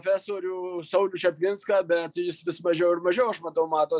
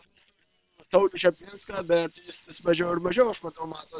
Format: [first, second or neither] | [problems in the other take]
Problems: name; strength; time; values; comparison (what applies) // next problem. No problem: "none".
first | noise reduction (neural separator model SepFormer WHAM!)